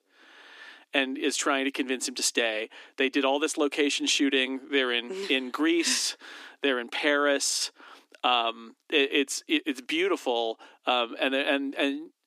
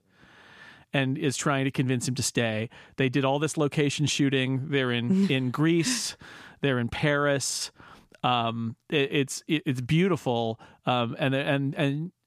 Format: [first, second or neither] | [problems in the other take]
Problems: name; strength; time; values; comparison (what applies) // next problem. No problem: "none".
second | thin; very slightly; fading below 300 Hz